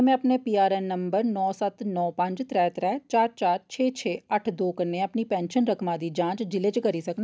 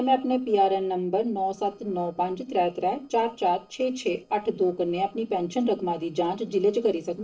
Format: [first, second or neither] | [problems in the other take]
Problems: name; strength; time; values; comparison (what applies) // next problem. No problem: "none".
first | noise reduction (neural separator model SepFormer DNS4)